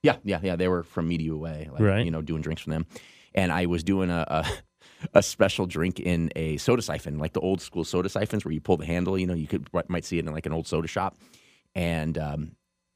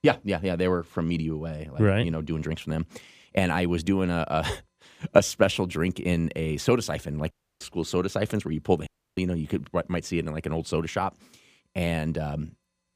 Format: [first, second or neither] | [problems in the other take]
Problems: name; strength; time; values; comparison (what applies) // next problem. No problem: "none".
first | audio cutting out; at 7.5 s and at 9 s